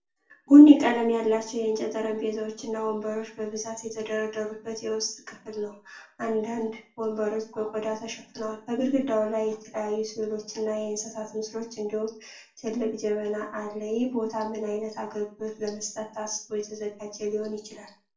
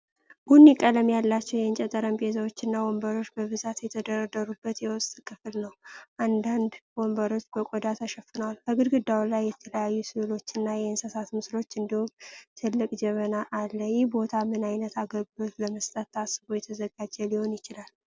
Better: second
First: room echo; dies away in 0.3 s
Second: none

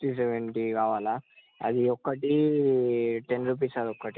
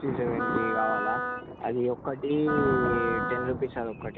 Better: first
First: none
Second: background sound (Thunder + Wind instrument, woodwind instrument); 2 dB below the speech

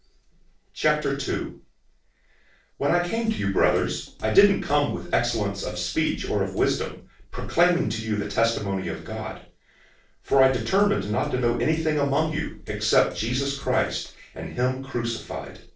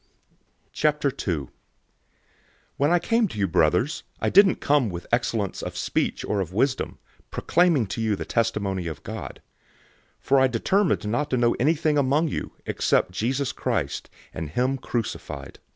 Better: second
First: noise reduction (neural separator model SepFormer DNS4)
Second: none

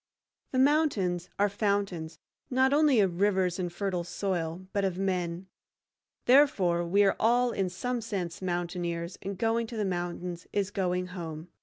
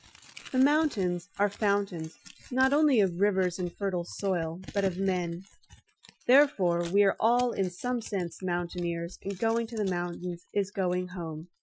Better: first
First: none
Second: noise reduction (classical method Wiener filter)

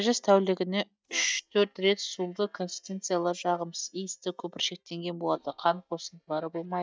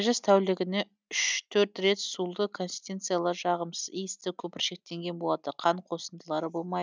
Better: second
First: noise reduction (neural mask model DeepFilterNet 3)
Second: none

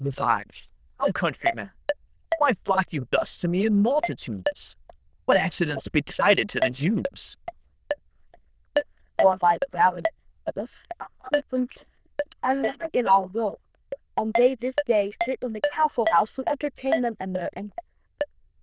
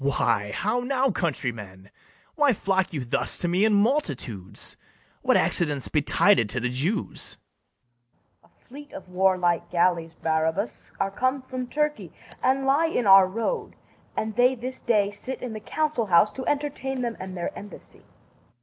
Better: second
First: noise reduction (neural diffusion model UNIVERSE++)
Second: none

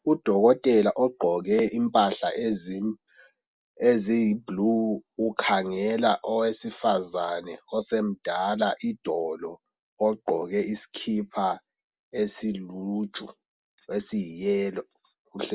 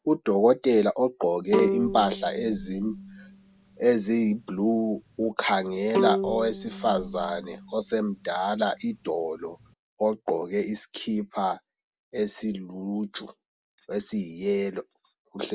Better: first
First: none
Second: background sound (Bowed string instrument); 6 dB below the speech

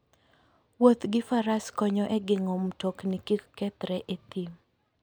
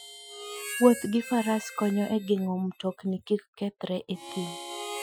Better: first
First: none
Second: noise reduction (classical method Wiener filter)

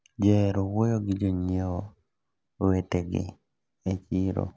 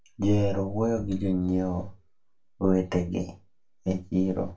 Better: first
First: none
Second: background sound (Bowed string instrument); 18 dB below the speech // room echo; dies away in 0.2 s

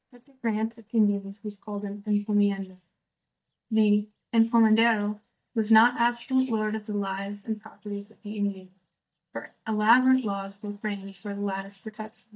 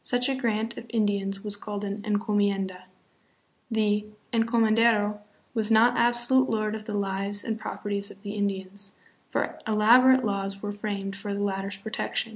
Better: second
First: noise reduction (neural mask model DeepFilterNet 3)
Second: none

